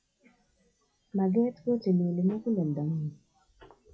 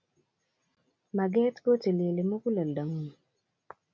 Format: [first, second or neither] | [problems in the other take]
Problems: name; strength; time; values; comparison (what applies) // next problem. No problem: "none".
second | noise reduction (classical method WPE with log-MMSE)